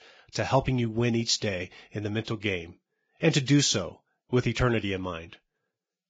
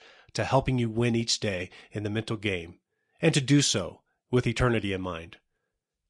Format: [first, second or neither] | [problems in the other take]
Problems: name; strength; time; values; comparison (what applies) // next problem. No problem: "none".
second | garbled, watery; badly; nothing above 7.5 kHz; slightly in the second